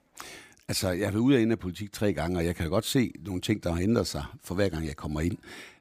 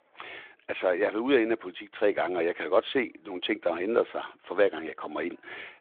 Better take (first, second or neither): first